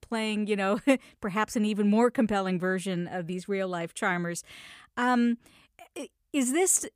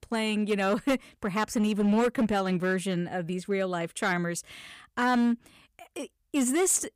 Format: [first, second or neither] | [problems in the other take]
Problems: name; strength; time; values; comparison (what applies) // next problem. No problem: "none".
first | distortion; slight; 7% of the sound clipped